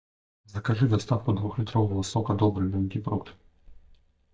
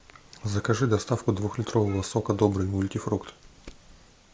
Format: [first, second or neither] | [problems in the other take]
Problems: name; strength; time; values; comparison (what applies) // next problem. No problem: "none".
second | noise reduction (neural mask model DeepFilterNet 3)